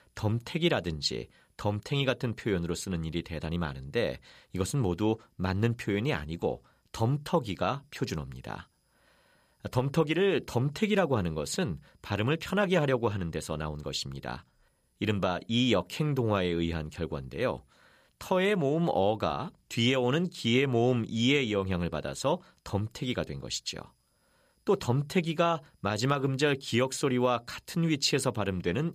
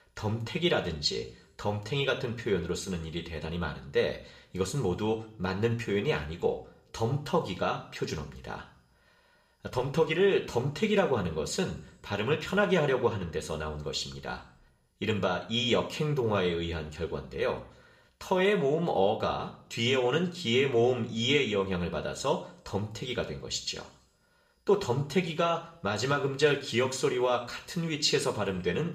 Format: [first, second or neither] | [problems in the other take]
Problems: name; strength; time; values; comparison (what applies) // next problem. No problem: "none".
first | room echo; slight; dies away in 0.5 s